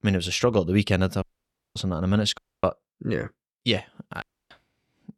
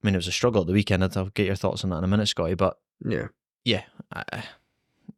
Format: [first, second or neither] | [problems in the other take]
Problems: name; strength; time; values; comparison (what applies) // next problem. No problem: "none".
second | audio cutting out; at 1 s for 0.5 s, at 2.5 s and at 4 s